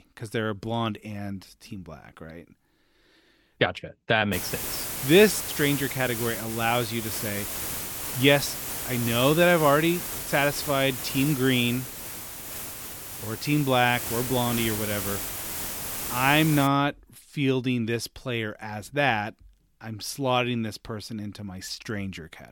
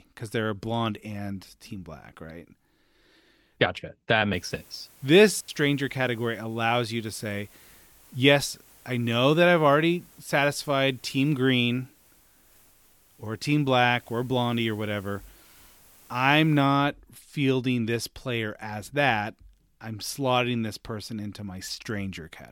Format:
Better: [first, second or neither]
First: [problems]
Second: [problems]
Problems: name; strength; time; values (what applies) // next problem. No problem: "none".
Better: second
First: hiss; loud; from 4.5 to 17 s; 6 dB below the speech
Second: hiss; faint; from 4.5 to 17 s; 30 dB below the speech